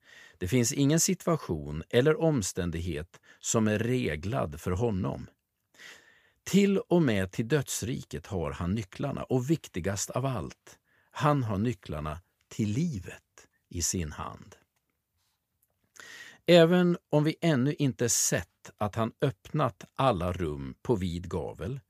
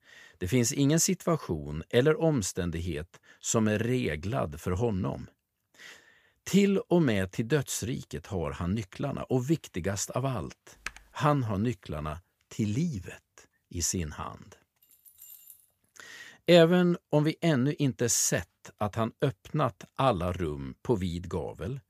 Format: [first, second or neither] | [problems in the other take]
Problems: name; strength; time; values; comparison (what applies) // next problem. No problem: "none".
first | keyboard typing; faint; at 11 s; peak 15 dB below the speech // jangling keys; faint; at 15 s; peak 20 dB below the speech